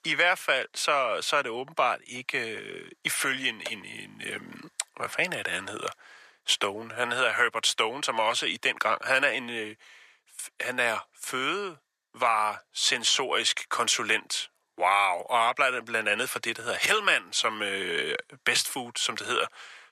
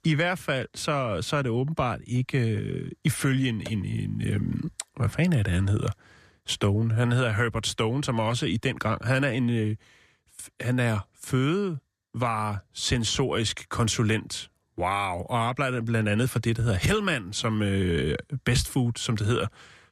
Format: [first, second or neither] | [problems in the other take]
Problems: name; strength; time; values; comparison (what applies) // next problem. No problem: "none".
second | thin; very; fading below 700 Hz